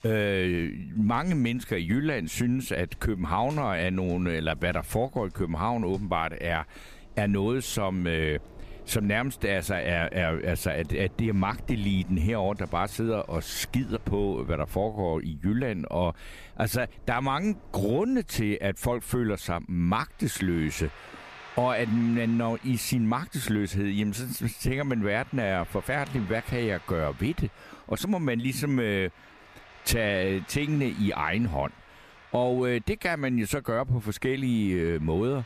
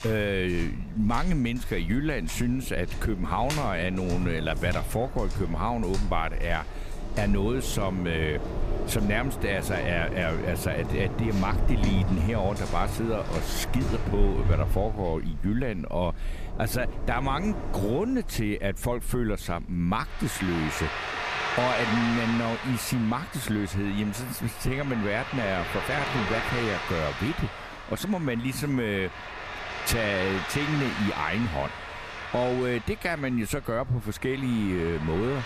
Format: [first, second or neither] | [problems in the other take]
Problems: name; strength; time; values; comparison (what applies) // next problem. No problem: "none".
first | rain or running water; loud; throughout; 5 dB below the speech; faint in the first